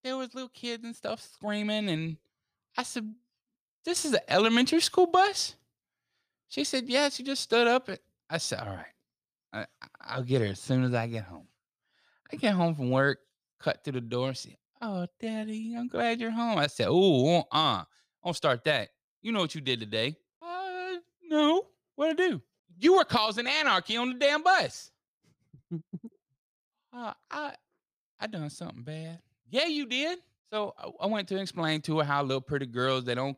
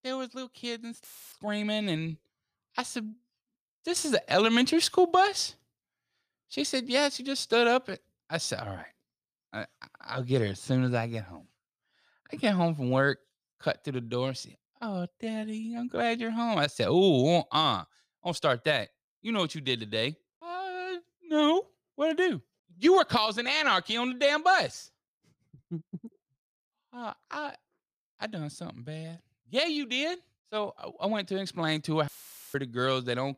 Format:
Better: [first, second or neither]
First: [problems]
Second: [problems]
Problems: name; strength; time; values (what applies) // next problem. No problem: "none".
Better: first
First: none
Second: audio cutting out; filled with static; at 1 s and at 32 s